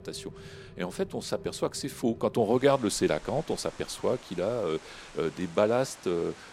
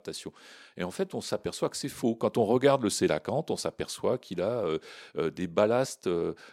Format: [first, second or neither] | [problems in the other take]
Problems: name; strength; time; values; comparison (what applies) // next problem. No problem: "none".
second | rain or running water; noticeable; throughout; 20 dB below the speech